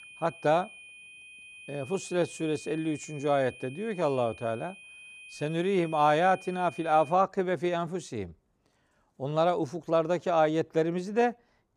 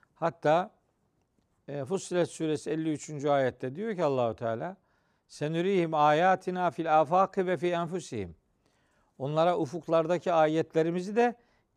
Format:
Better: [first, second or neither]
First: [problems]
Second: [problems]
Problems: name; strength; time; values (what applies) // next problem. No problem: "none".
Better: second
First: high-pitched whine; noticeable; until 7 s; 2.5 kHz, 20 dB below the speech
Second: none